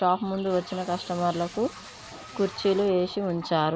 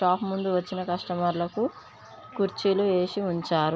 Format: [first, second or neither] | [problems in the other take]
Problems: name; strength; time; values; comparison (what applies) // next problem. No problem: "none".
second | background sound (Packing tape, duct tape); 20 dB below the speech